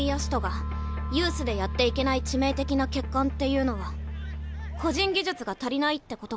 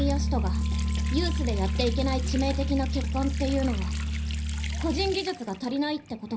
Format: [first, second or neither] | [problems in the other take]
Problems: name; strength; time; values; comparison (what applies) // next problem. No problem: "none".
first | background sound (Water tap, faucet); 17 dB below the speech // room echo; dies away in 0.5 s